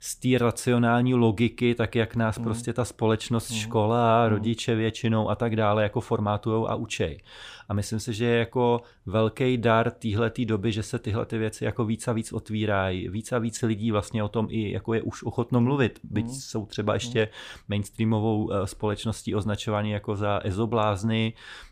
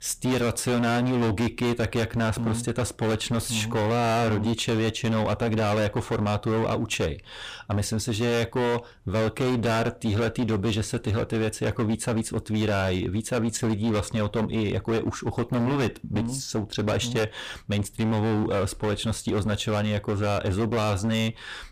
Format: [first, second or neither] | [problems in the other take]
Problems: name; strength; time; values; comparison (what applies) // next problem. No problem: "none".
first | distortion; heavy; 26% of the sound clipped